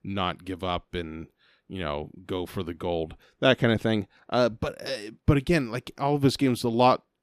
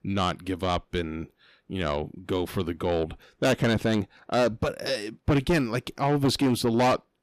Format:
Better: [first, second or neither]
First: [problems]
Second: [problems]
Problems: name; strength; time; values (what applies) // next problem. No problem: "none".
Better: first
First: none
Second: distortion; heavy; 7 dB below the speech